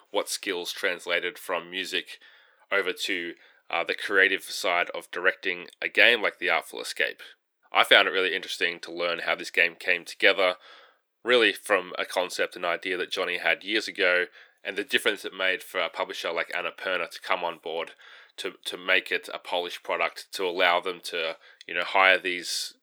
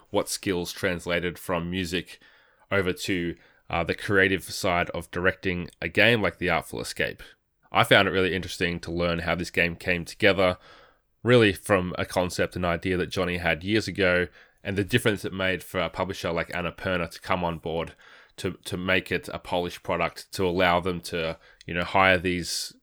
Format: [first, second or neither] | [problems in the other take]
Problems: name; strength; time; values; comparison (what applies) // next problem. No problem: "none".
second | thin; somewhat; fading below 350 Hz